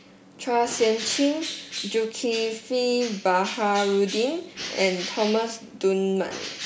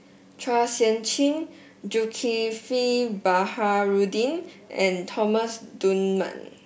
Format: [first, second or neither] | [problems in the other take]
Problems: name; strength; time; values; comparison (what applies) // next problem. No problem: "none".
second | background sound (Bird); 12 dB below the speech